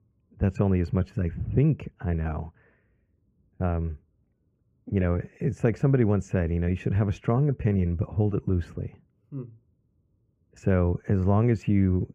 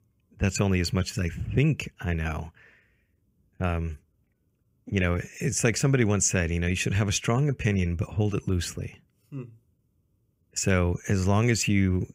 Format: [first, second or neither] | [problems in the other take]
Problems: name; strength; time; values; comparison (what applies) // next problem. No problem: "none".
second | muffled; very; fading above 2.5 kHz